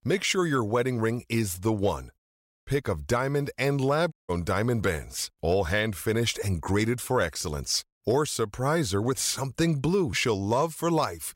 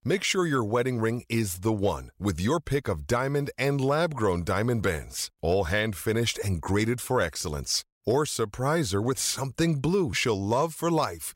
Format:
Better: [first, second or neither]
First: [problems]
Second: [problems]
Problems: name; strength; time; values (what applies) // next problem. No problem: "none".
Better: second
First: audio cutting out; at 2 s and at 4 s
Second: none